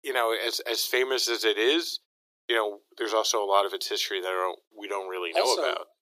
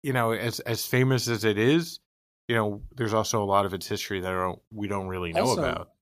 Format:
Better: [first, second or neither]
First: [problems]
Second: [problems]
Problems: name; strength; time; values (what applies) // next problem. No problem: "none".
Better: second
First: thin; very; fading below 350 Hz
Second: none